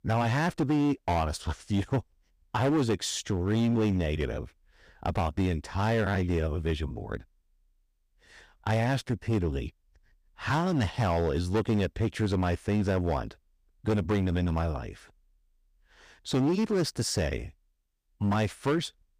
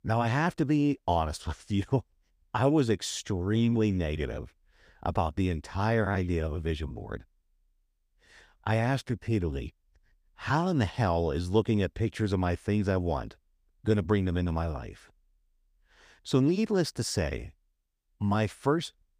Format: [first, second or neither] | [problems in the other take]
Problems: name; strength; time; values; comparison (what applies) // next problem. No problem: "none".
second | distortion; slight; 8% of the sound clipped